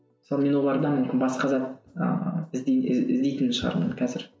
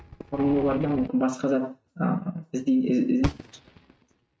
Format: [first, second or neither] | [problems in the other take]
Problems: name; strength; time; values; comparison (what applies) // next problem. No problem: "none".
first | noise reduction (neural mask model RNNoise)